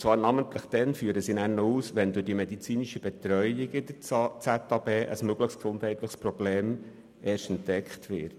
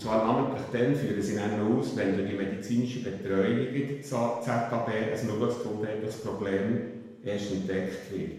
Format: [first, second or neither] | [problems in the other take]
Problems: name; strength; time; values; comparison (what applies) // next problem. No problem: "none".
first | room echo; dies away in 0.9 s